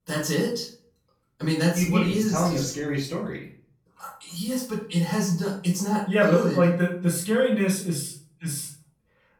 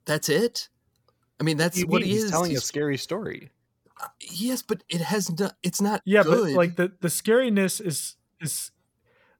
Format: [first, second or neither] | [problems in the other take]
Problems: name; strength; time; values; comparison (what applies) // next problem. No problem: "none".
second | off-mic speech; far // room echo; noticeable; dies away in 0.4 s